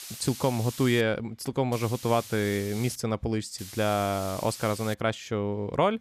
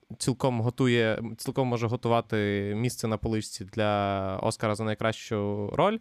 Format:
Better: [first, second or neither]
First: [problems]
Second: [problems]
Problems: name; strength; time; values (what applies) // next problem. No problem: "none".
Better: second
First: hiss; noticeable; until 1 s, from 1.5 to 3 s and from 3.5 to 5 s; 15 dB below the speech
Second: none